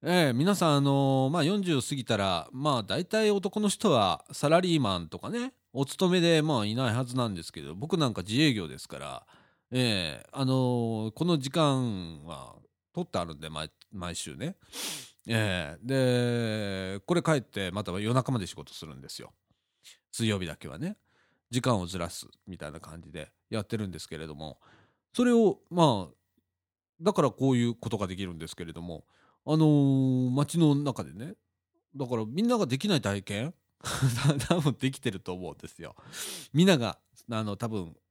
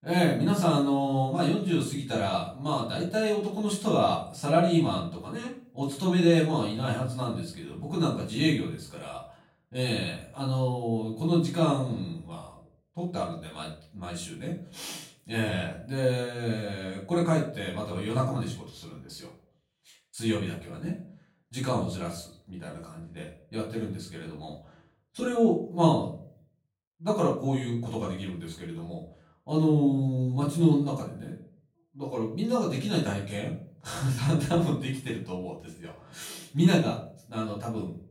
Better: first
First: none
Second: room echo; slight; dies away in 0.4 s // off-mic speech; far

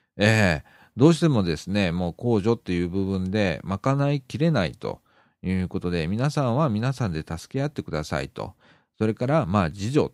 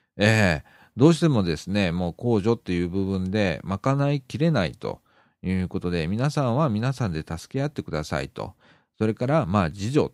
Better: neither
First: none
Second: none

